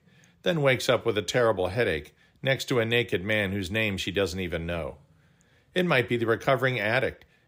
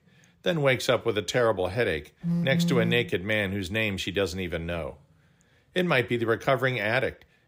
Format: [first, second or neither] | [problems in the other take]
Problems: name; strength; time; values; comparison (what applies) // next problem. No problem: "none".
first | phone ringing; loud; at 2 s; peak level with the speech